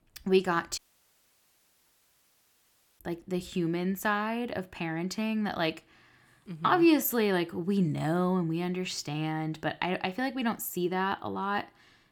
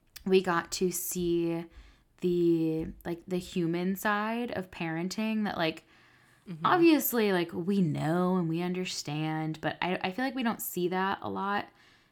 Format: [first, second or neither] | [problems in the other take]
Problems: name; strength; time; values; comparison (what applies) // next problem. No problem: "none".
second | audio cutting out; at 1 s for 2 s